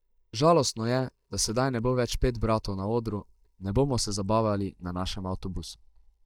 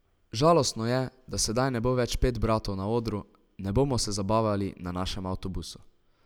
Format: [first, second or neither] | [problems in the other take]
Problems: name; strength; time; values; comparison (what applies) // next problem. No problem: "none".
second | noise reduction (neural mask model DeepFilterNet 3)